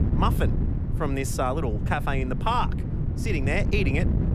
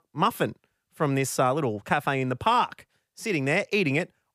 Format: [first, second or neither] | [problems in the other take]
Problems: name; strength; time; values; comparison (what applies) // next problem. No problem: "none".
second | wind noise on the microphone; occasional gusts; 10 dB below the speech